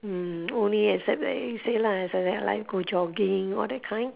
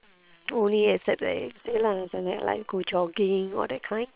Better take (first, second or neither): first